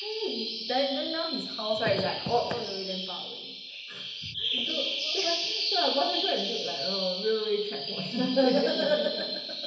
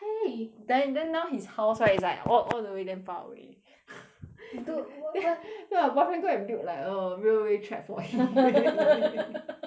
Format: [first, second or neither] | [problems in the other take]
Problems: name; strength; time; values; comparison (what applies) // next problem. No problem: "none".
second | background sound (Bird vocalization, bird call, bird song); 3 dB below the speech // room echo; dies away in 0.8 s